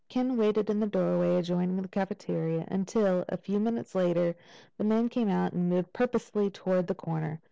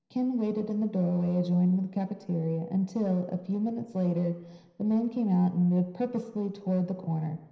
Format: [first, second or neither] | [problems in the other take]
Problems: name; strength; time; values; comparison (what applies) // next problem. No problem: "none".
first | room echo; dies away in 0.9 s